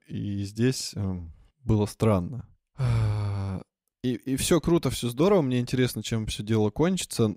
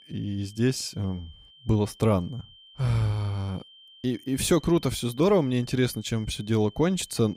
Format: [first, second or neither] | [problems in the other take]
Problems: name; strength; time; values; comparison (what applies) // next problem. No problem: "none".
first | high-pitched whine; faint; throughout; 3 kHz, 25 dB below the speech